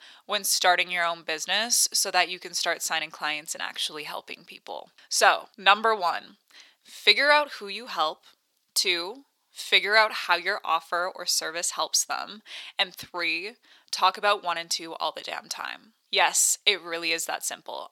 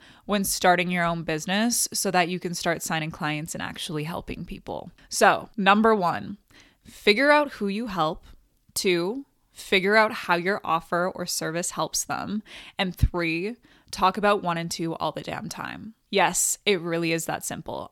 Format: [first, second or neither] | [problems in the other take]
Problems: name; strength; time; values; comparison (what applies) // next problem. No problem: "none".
second | thin; very; fading below 600 Hz